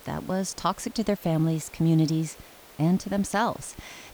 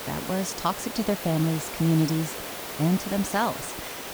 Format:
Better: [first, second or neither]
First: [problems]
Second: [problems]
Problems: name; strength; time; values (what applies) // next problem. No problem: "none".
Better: first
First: hiss; faint; throughout; 20 dB below the speech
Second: hiss; loud; throughout; 7 dB below the speech